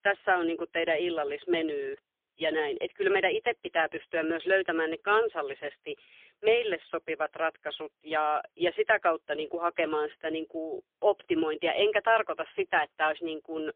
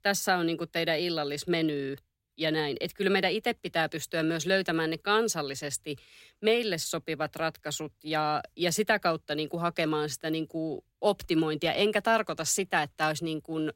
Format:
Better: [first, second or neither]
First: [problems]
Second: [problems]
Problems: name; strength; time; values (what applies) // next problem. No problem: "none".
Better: second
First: phone-call audio; poor line; nothing above 3.5 kHz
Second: none